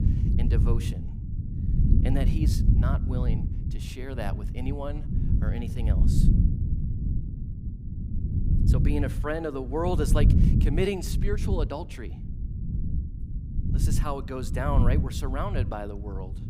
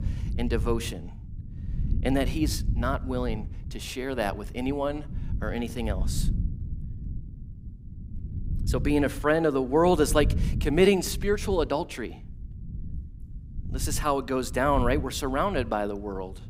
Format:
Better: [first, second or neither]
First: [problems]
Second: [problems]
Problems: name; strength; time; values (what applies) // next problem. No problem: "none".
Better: second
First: low rumble; loud; throughout; 6 dB below the speech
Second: low rumble; faint; throughout; 20 dB below the speech